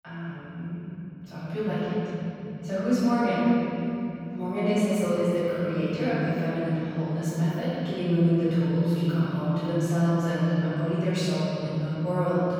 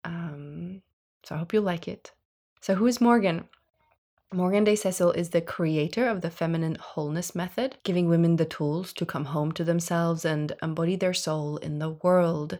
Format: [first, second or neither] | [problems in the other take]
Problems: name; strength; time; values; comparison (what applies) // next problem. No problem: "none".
second | off-mic speech; far // room echo; strong; dies away in 3 s